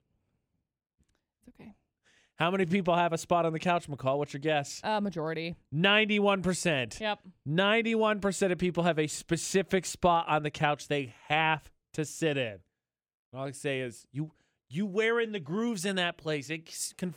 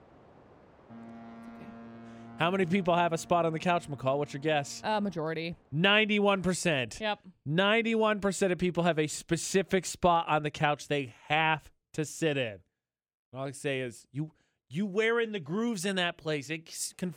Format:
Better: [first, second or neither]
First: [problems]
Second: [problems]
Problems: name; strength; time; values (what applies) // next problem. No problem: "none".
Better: first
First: none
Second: train or aircraft noise; faint; until 6.5 s; 20 dB below the speech